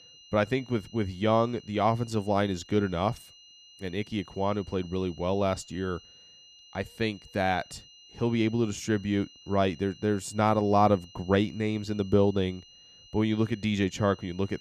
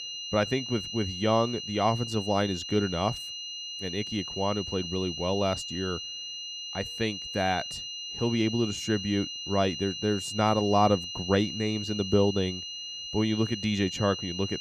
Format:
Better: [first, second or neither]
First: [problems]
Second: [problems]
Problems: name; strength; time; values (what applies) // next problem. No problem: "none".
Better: first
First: high-pitched whine; faint; throughout; 3 kHz, 25 dB below the speech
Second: high-pitched whine; loud; throughout; 3 kHz, 6 dB below the speech